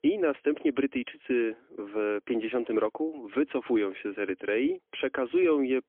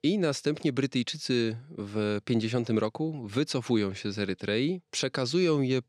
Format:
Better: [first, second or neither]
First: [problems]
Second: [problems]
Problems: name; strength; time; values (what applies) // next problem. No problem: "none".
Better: second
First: phone-call audio; poor line; nothing above 3.5 kHz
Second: none